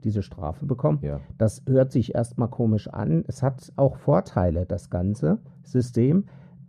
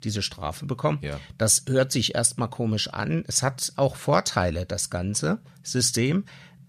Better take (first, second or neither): second